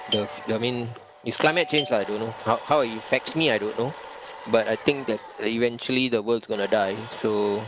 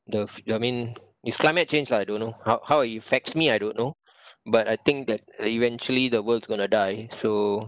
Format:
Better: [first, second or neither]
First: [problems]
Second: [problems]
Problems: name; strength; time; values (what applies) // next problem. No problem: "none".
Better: second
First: background sound (Domestic sounds, home sounds + Doorbell); 13 dB below the speech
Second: none